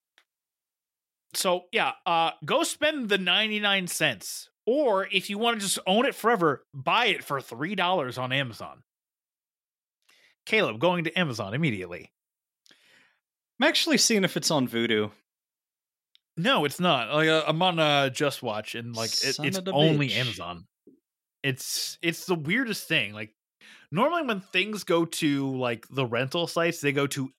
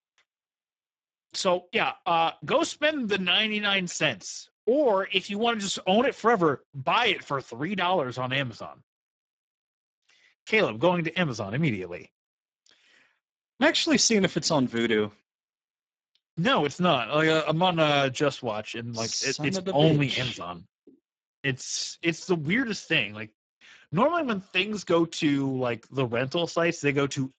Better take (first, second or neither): first